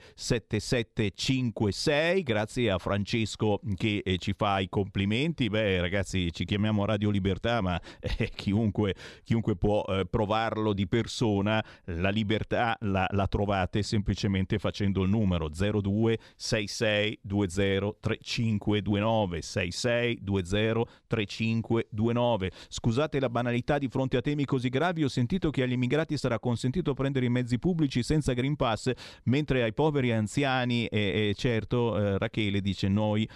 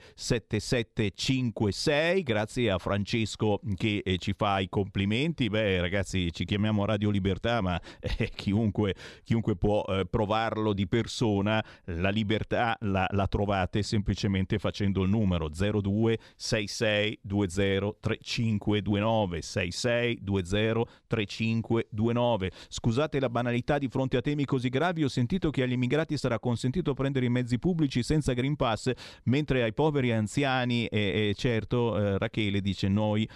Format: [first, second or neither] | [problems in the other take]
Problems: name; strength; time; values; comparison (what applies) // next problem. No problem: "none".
neither | none